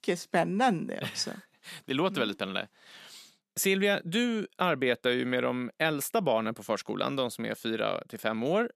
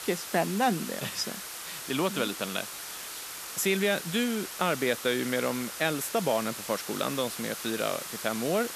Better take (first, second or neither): first